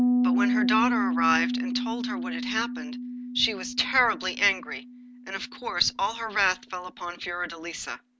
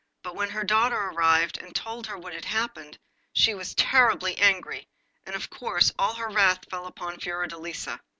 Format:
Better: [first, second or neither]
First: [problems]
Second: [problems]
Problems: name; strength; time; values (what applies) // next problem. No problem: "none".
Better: second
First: background sound (Piano); 1 dB below the speech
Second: none